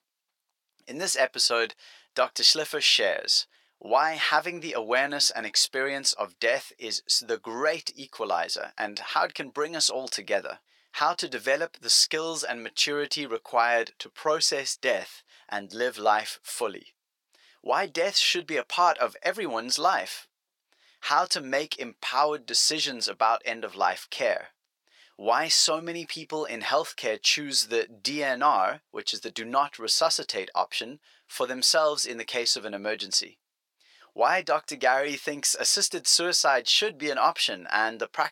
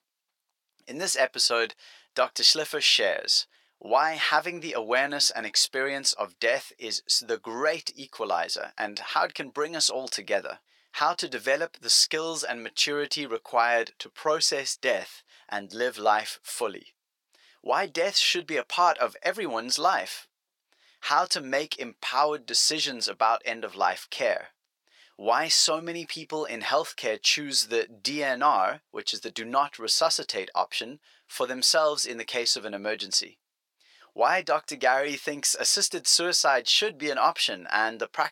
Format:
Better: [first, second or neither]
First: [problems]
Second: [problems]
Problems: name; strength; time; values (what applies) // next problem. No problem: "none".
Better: neither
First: thin; very; fading below 750 Hz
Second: thin; very; fading below 750 Hz